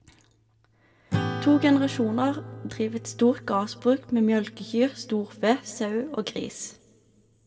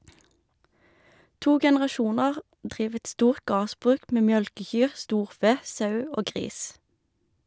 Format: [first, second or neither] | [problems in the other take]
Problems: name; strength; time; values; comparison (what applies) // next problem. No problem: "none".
second | background sound (Acoustic guitar / Strum); 11 dB below the speech // room echo; dies away in 0.3 s